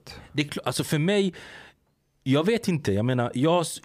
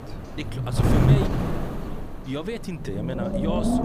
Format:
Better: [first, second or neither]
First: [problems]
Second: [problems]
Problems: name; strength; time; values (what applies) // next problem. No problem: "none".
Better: first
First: none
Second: wind noise on the microphone; heavy; 4 dB above the speech